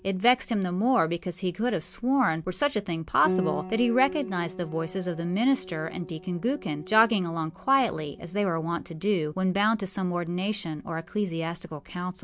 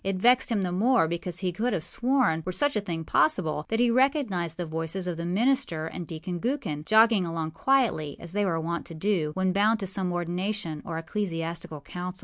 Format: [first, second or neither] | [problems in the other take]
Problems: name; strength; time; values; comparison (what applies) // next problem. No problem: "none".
second | background sound (Piano); 14 dB below the speech